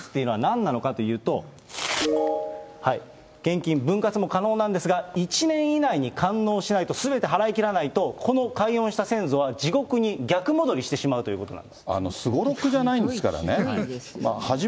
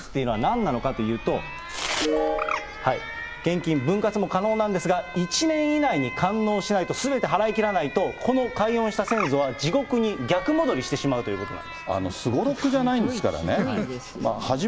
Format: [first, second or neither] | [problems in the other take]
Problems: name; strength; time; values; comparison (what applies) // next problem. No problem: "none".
first | background sound (Bird + Alarm); 12 dB below the speech